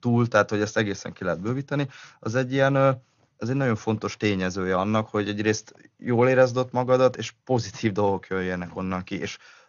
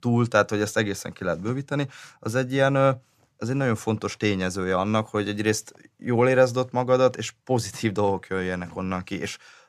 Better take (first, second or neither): second